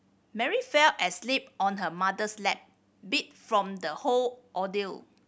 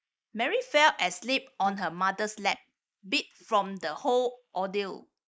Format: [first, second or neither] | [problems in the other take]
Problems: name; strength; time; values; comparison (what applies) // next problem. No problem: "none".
first | noise reduction (neural mask model Resemble Enhance denoiser)